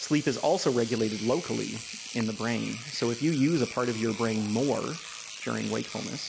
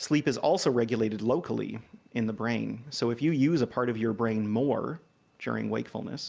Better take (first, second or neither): second